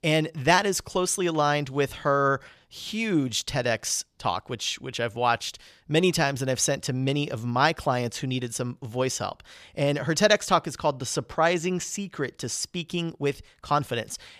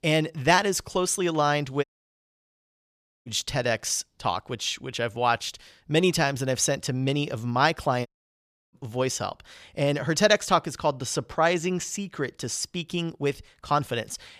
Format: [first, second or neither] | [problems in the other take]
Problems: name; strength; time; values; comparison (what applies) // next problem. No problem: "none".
first | audio cutting out; at 2 s for 1.5 s and at 8 s for 0.5 s